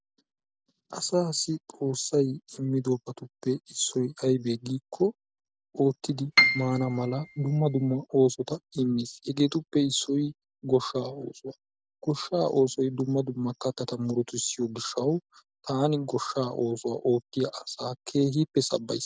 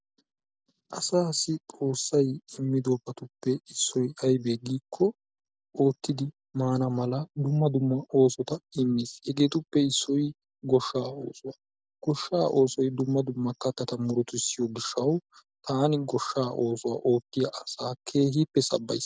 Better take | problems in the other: second | background sound (Piano); as loud as the speech

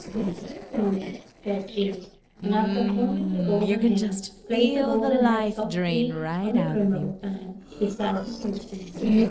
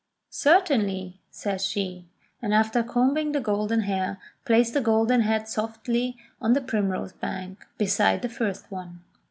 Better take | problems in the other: second | noise reduction (neural separator model SepFormer DNS4)

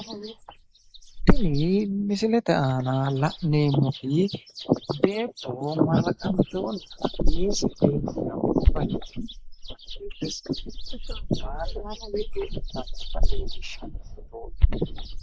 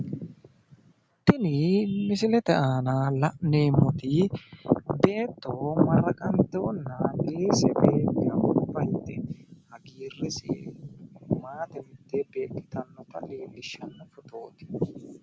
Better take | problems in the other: second | noise reduction (neural mask model Resemble Enhance denoiser)

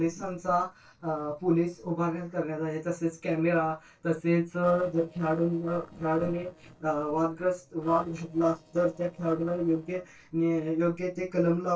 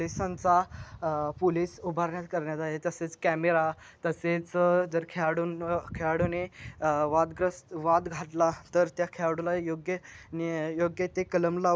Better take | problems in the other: second | noise reduction (neural separator model SepFormer DNS4)

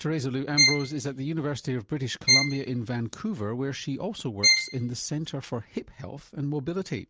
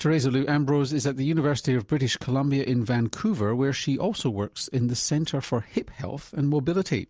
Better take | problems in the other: second | background sound (Bowed string instrument); 3 dB above the speech

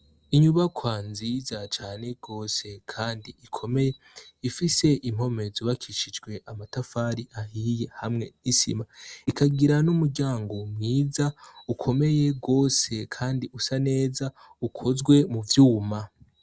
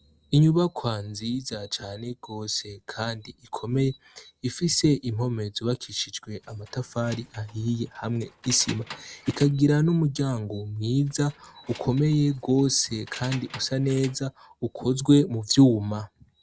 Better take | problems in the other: first | background sound (Keys jangling); 20 dB below the speech

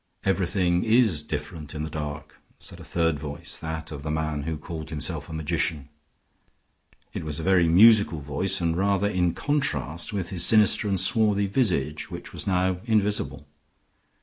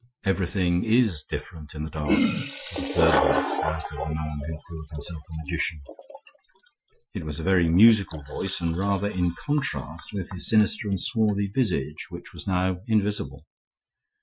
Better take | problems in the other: first | noise reduction (classical method Wiener filter)

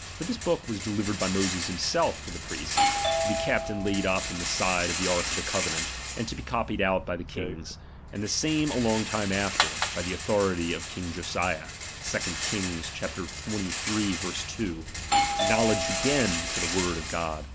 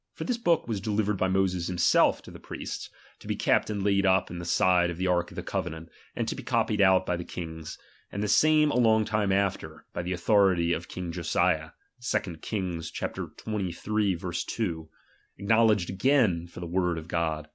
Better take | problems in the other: second | background sound (Rattle + Doorbell); 1 dB below the speech

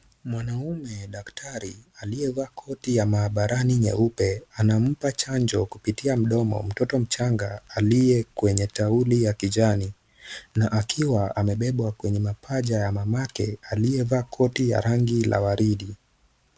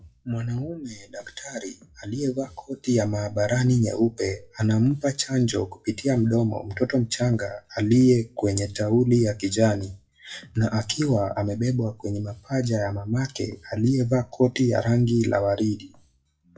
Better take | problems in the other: first | noise reduction (classical method WPE with log-MMSE)

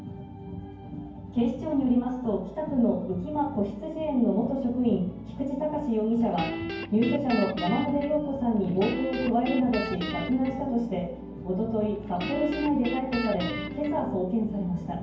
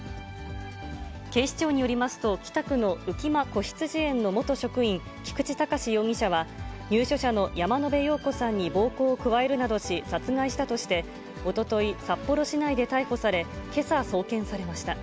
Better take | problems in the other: second | background sound (Guitar); 8 dB below the speech // room echo; dies away in 0.9 s

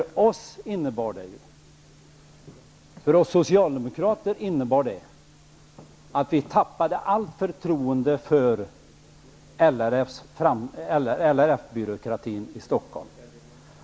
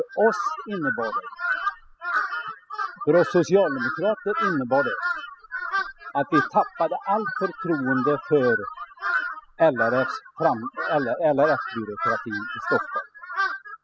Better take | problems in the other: first | noise reduction (classical method spectral subtraction)

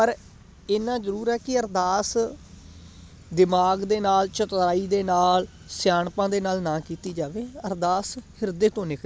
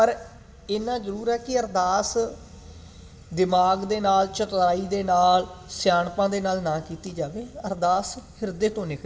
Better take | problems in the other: first | room echo; dies away in 2.7 s

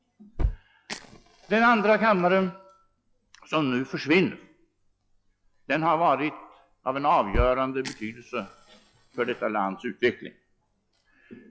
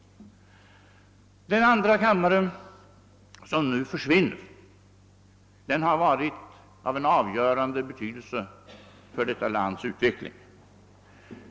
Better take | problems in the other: second | noise reduction (classical method log-MMSE)

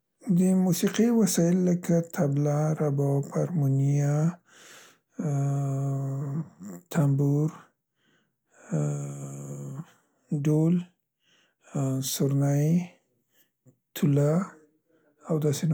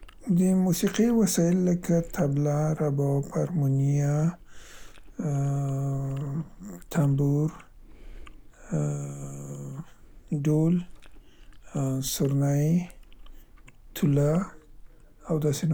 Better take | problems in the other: first | background sound (Chewing, mastication); 19 dB below the speech

